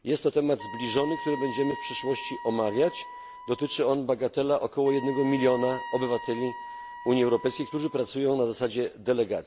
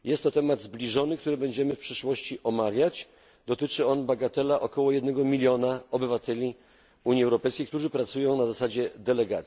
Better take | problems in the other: second | background sound (Wind instrument, woodwind instrument); 12 dB below the speech

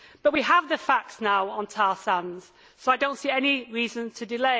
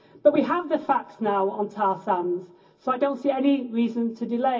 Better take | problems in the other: first | room echo; dies away in 0.4 s

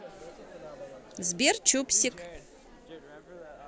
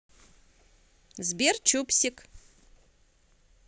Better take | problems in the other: second | background sound (Chatter); 16 dB below the speech

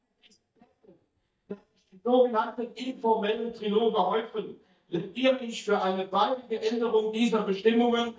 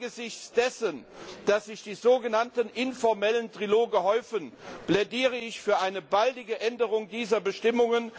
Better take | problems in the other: second | noise reduction (neural mask model DeepFilterNet 3)

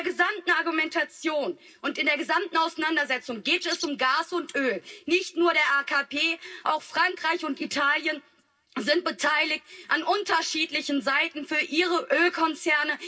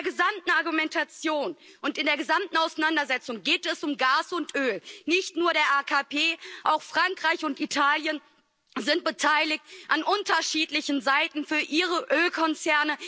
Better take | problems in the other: second | background sound (Bird); 9 dB below the speech // room echo; dies away in 0.4 s

